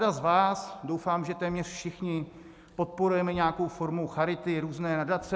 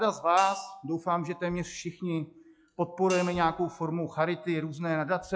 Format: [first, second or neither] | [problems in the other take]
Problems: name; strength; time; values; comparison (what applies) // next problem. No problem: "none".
first | noise reduction (classical method log-MMSE)